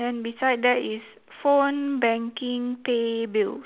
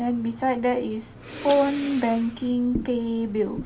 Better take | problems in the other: first | background sound (Breathing); 13 dB below the speech // room echo; dies away in 0.3 s

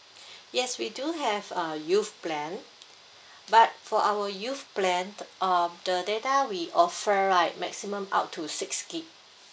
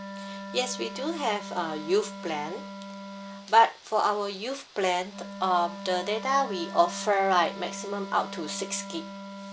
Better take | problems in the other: first | background sound (Wind instrument, woodwind instrument); 12 dB below the speech

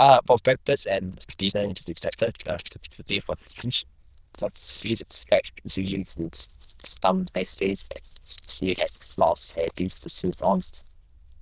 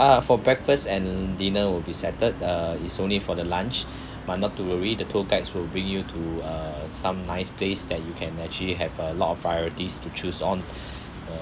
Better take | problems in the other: second | noise reduction (neural diffusion model UNIVERSE++)

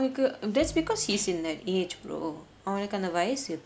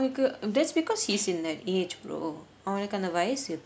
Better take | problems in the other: second | background sound (Bowed string instrument); 20 dB below the speech

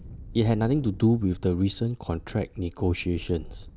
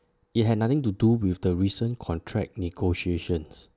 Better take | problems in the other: second | background sound (Wind); 17 dB below the speech

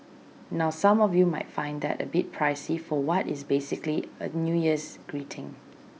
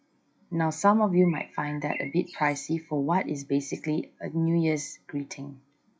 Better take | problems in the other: first | noise reduction (classical method WPE with log-MMSE)

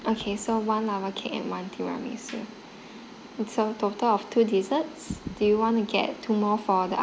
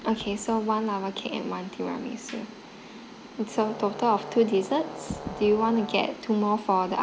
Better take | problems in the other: first | background sound (Brass instrument); 14 dB below the speech

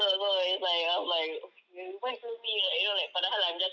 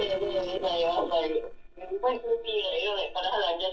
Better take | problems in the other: first | noise reduction (neural separator model SepFormer DNS4)

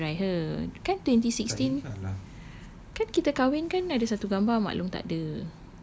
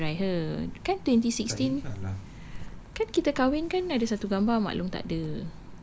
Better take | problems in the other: first | background sound (Cricket); 12 dB below the speech

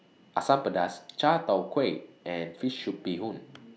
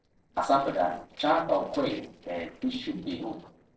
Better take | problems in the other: first | noise reduction (neural separator model SepFormer DNS4)

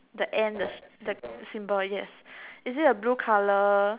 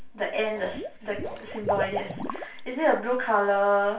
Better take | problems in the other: first | background sound (Liquid); 9 dB below the speech // room echo; dies away in 0.3 s

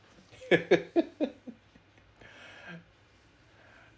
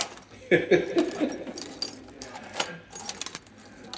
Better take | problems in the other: first | background sound (Keys jangling); 9 dB below the speech // room echo; dies away in 2.4 s

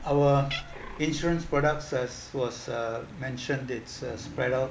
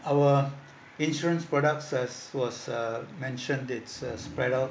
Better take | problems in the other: second | background sound (Cat); 13 dB below the speech

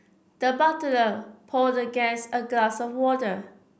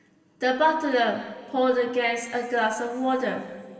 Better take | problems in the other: first | room echo; dies away in 2.8 s

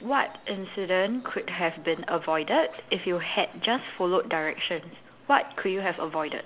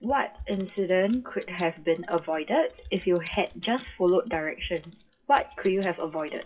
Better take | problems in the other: first | noise reduction (classical method WPE with log-MMSE)

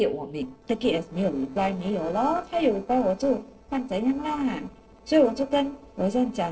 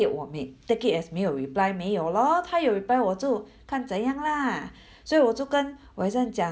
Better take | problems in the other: second | noise reduction (neural separator model SepFormer DNS4)

